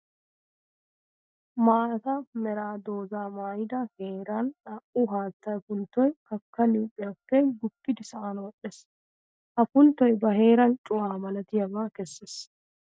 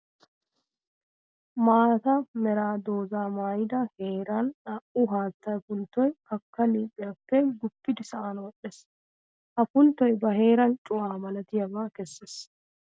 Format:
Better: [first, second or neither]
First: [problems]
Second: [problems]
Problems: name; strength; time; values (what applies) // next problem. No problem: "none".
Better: second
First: noise reduction (neural mask model DeepFilterNet 3)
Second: none